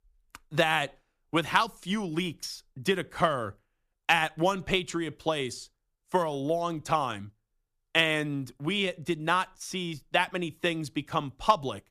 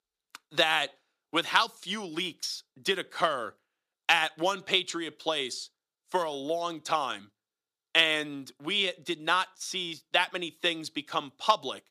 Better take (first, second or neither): first